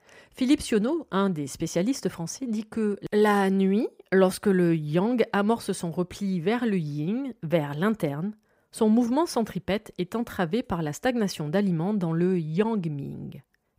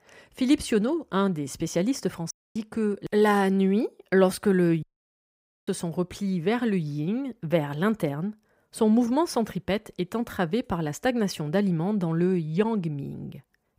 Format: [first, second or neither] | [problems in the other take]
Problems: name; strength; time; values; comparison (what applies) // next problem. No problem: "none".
first | audio cutting out; at 2.5 s and at 5 s for 1 s